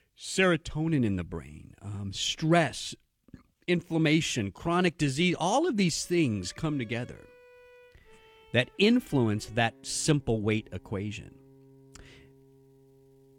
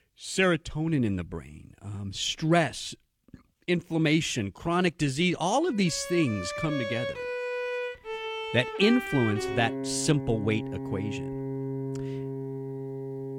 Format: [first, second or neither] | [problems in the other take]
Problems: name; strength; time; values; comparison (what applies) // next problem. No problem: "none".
first | background music; loud; from 6 s on; 6 dB below the speech; faint in the first